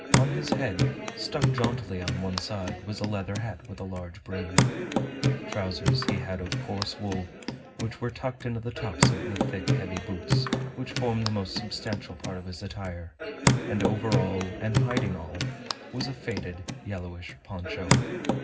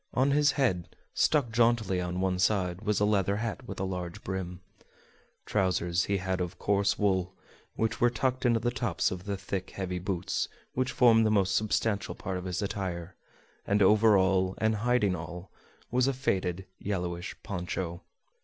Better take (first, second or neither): second